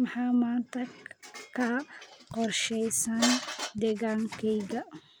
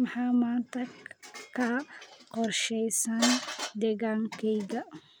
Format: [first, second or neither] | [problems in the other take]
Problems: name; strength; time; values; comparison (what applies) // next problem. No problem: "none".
second | background sound (Writing); 20 dB below the speech